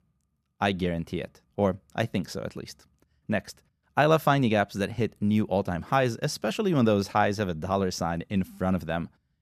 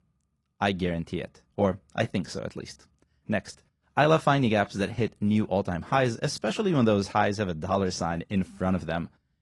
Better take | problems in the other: first | garbled, watery; slightly; nothing above 11 kHz

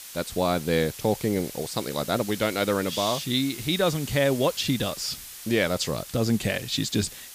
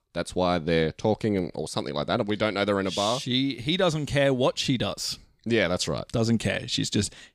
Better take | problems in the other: second | hiss; noticeable; throughout; 10 dB below the speech

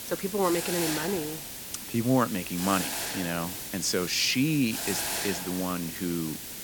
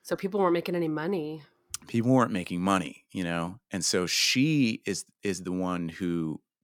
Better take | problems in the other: second | hiss; loud; throughout; 4 dB below the speech

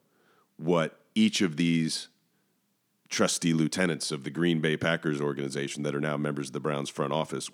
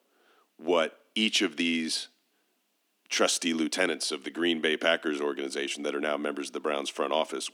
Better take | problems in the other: first | thin; somewhat; fading below 250 Hz

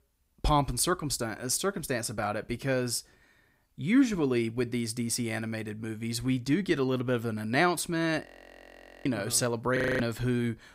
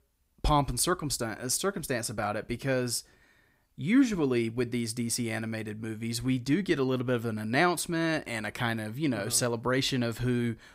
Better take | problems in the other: second | audio freezing; at 8.5 s for 1 s and at 10 s

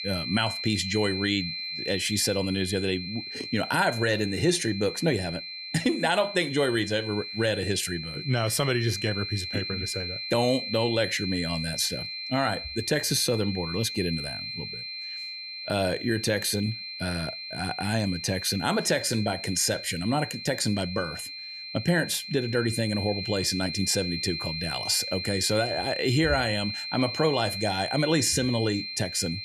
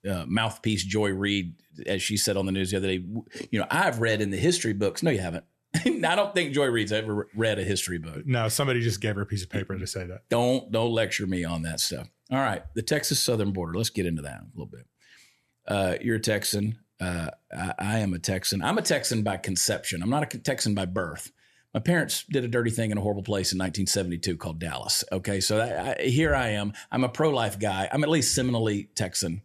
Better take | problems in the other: second | high-pitched whine; loud; throughout; 4 kHz, 6 dB below the speech

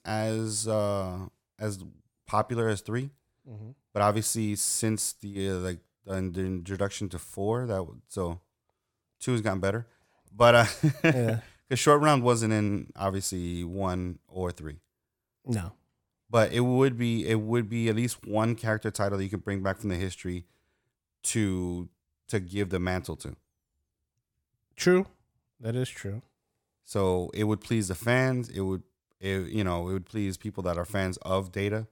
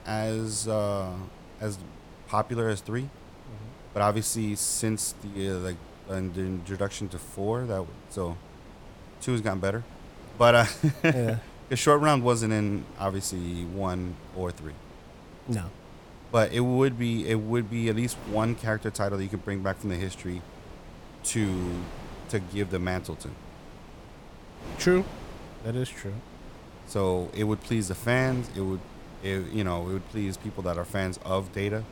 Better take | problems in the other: first | wind noise on the microphone; occasional gusts; 20 dB below the speech

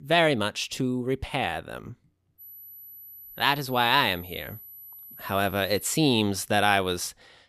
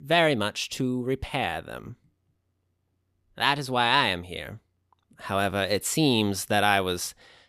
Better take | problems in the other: second | high-pitched whine; noticeable; from 2.5 to 6 s; 12 kHz, 20 dB below the speech

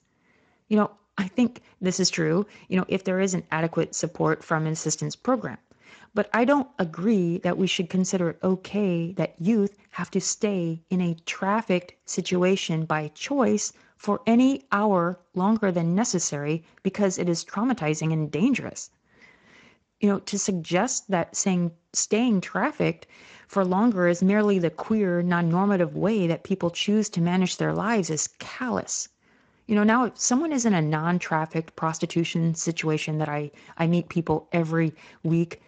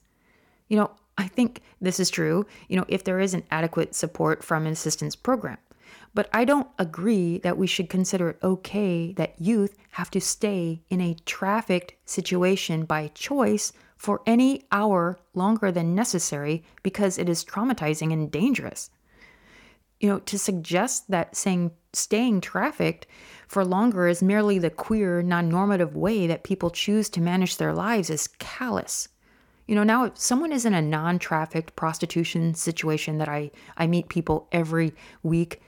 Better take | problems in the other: second | garbled, watery; slightly; nothing above 7.5 kHz

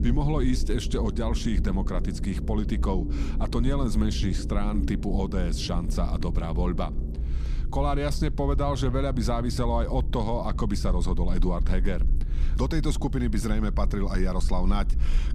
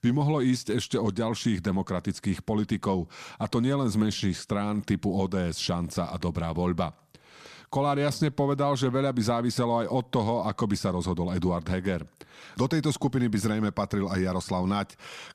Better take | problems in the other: second | low rumble; noticeable; throughout; 10 dB below the speech

